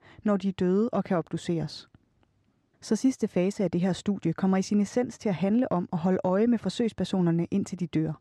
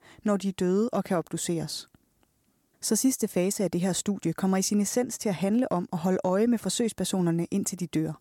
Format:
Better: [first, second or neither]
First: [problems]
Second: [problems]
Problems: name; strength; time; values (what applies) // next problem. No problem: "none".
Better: second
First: muffled; slightly; fading above 3.5 kHz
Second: none